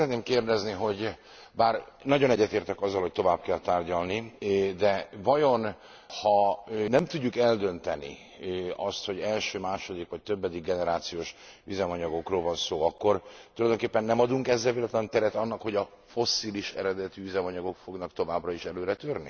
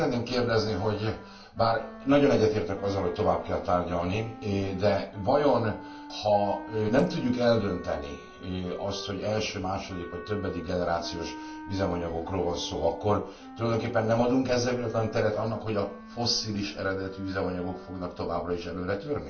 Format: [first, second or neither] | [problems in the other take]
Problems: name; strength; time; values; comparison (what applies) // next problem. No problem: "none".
first | background sound (Wind instrument, woodwind instrument); 17 dB below the speech // room echo; dies away in 0.3 s